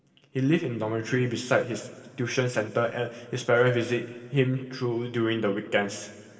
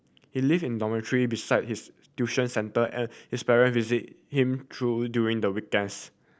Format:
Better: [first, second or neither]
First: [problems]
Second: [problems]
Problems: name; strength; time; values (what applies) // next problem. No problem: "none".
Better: second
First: room echo; dies away in 2.5 s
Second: none